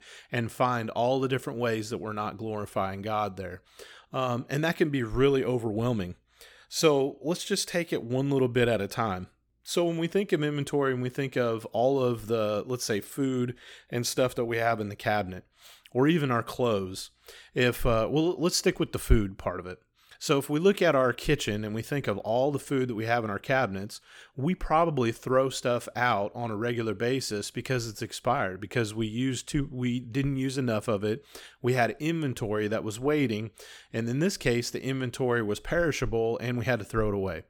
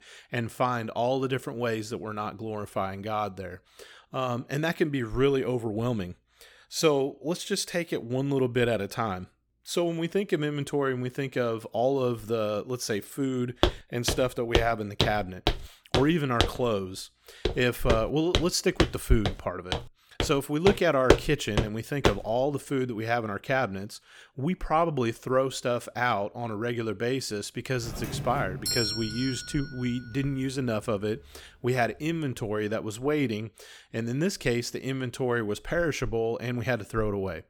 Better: first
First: none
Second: footsteps; loud; from 14 to 22 s; peak 5 dB above the speech // doorbell; loud; from 28 to 30 s; peak 2 dB above the speech

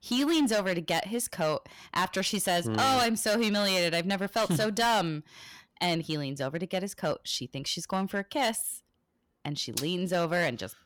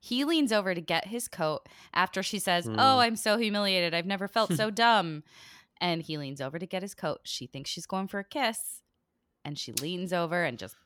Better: second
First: distortion; heavy; 8% of the sound clipped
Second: none

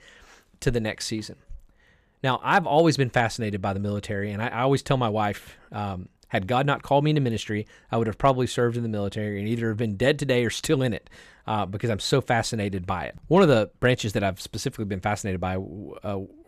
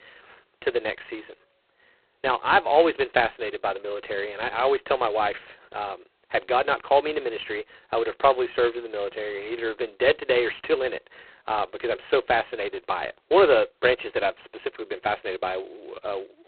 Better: first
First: none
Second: phone-call audio; poor line; nothing above 4 kHz

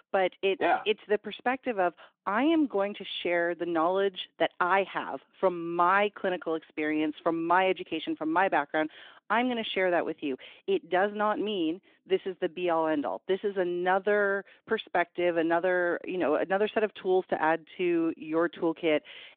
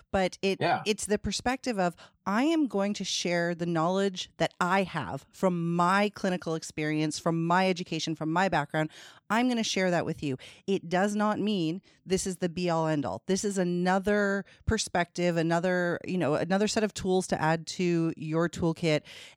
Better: second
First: phone-call audio; nothing above 3.5 kHz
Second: none

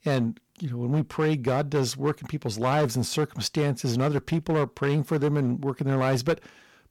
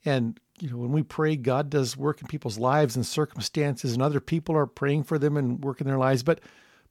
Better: second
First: distortion; slight; 8% of the sound clipped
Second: none

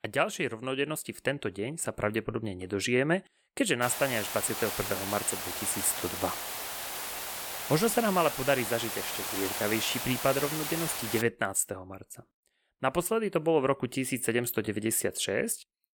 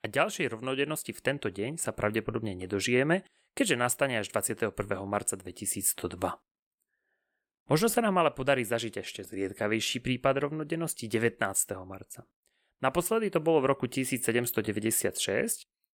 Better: second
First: hiss; loud; from 4 to 11 s; 4 dB below the speech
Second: none

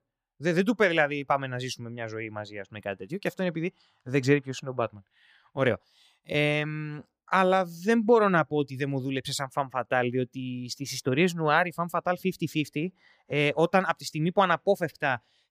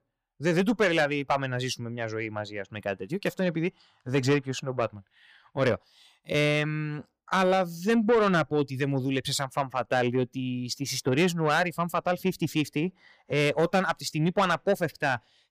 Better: first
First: none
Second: distortion; slight; 10 dB below the speech

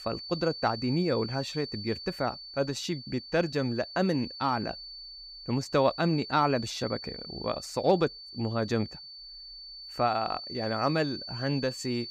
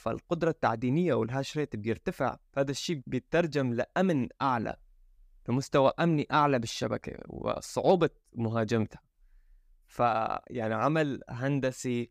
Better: second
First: high-pitched whine; noticeable; throughout; 4.5 kHz, 10 dB below the speech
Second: none

